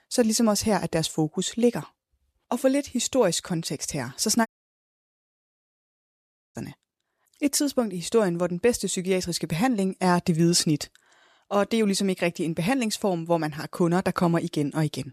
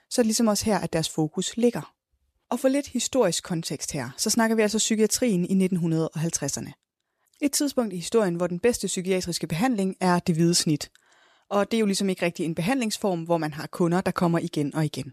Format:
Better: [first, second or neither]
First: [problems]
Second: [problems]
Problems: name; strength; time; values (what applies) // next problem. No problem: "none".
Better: second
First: audio cutting out; at 4.5 s for 2 s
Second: none